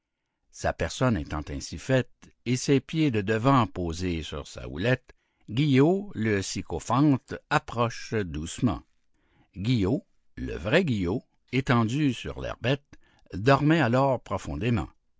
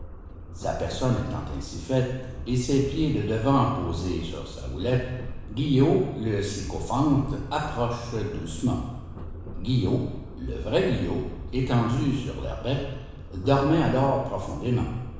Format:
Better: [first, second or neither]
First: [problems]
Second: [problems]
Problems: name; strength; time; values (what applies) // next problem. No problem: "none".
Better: first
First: none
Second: background sound (Subway, metro, underground); 11 dB below the speech // room echo; dies away in 1 s